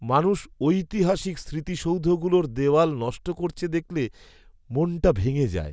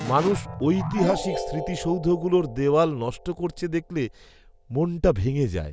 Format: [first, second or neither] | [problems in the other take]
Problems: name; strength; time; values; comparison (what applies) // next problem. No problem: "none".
first | background sound (Keyboard (musical)); 11 dB below the speech